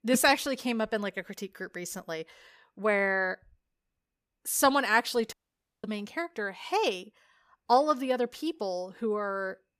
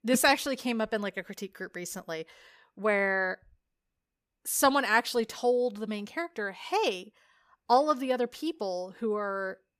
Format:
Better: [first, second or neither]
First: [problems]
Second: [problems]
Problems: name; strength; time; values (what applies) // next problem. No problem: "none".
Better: second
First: audio cutting out; at 5.5 s for 0.5 s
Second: none